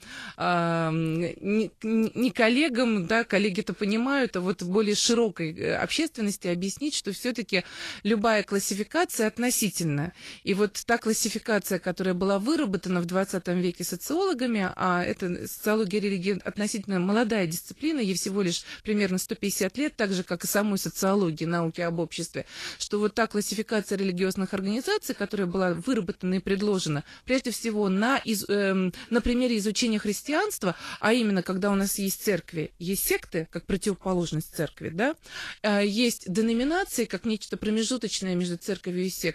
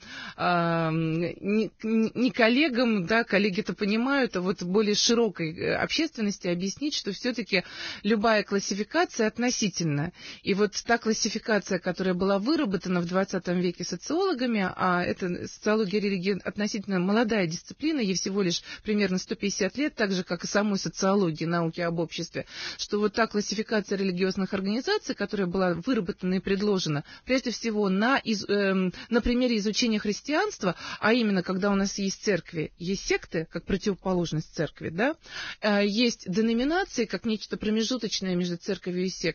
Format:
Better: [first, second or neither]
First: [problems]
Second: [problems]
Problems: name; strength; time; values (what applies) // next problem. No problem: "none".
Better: first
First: garbled, watery; slightly; nothing above 12.5 kHz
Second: garbled, watery; badly; nothing above 6.5 kHz